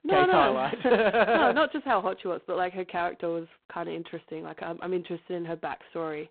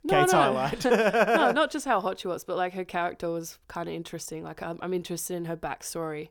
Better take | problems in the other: second | phone-call audio; poor line; nothing above 4 kHz

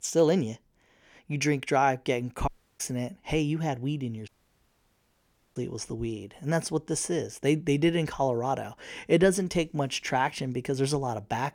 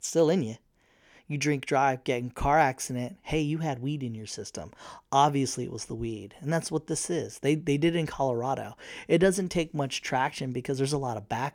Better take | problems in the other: second | audio cutting out; at 2.5 s and at 4.5 s for 1.5 s

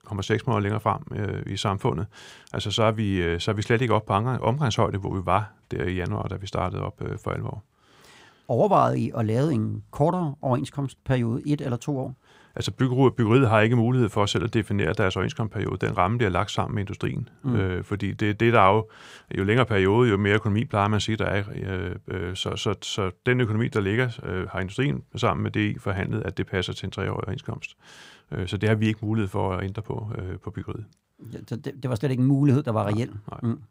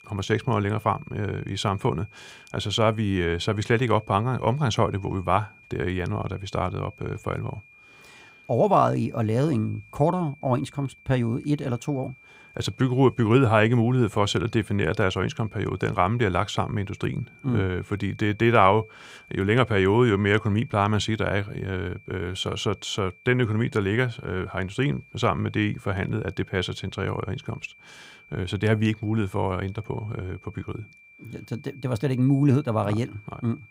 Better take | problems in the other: first | high-pitched whine; faint; throughout; 2.5 kHz, 25 dB below the speech

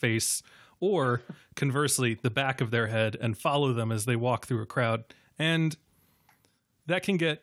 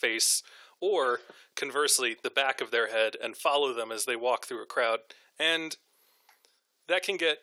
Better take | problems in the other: first | thin; very; fading below 400 Hz

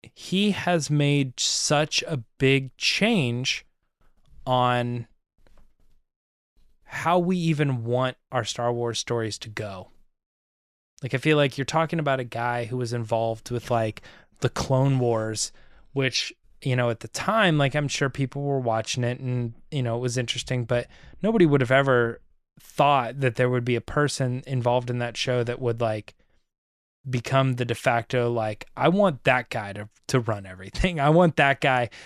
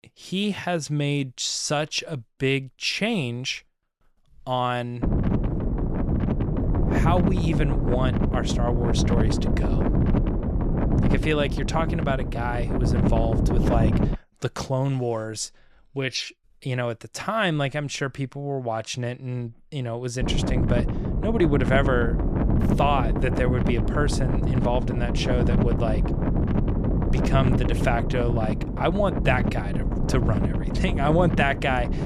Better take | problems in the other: first | wind noise on the microphone; heavy; from 5 to 14 s and from 20 s on; 4 dB below the speech

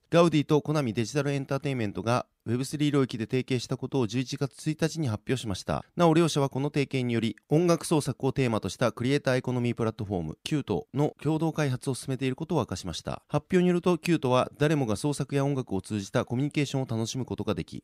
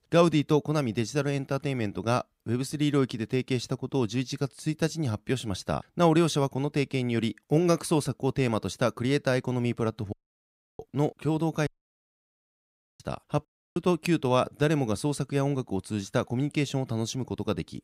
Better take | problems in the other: first | audio cutting out; at 10 s for 0.5 s, at 12 s for 1.5 s and at 13 s

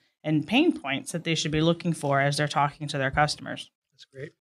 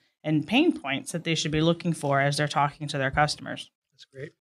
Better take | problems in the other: neither | none

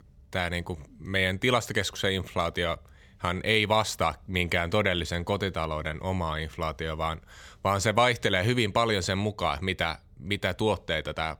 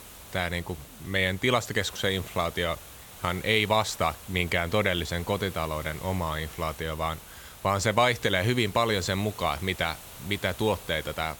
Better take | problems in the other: first | hiss; noticeable; throughout; 15 dB below the speech

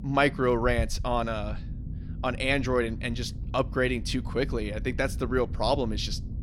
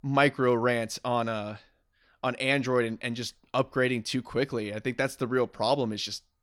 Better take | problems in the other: second | low rumble; faint; throughout; 20 dB below the speech

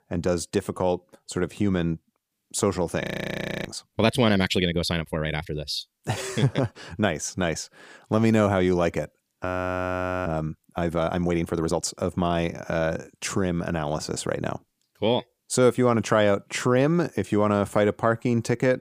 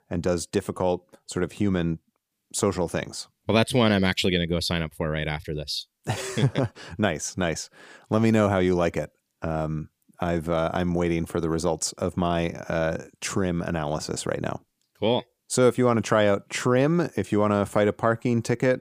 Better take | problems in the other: second | audio freezing; at 3 s for 0.5 s and at 9.5 s for 1 s

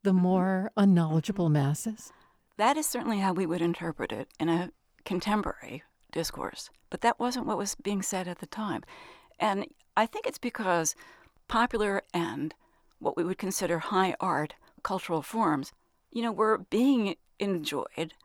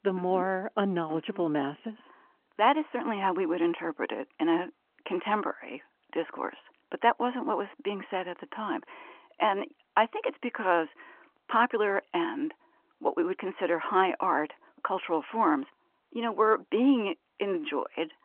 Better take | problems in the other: first | phone-call audio

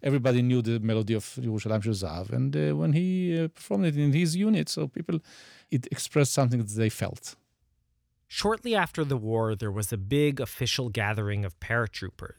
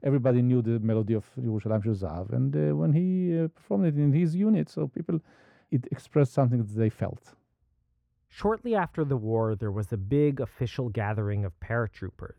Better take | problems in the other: first | muffled; very; fading above 2 kHz

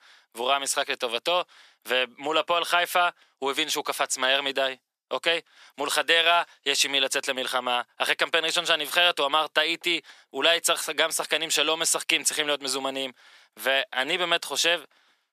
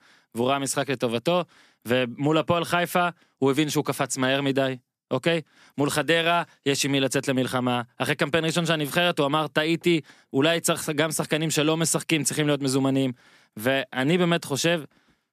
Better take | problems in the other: second | thin; very; fading below 700 Hz

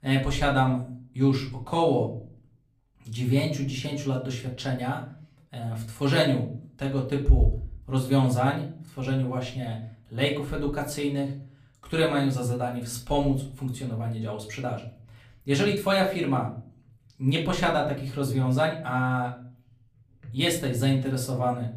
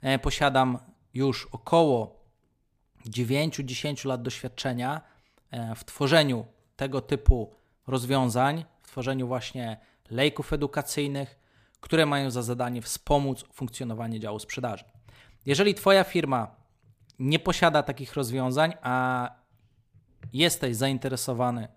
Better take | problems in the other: second | room echo; slight; dies away in 0.5 s // off-mic speech; far

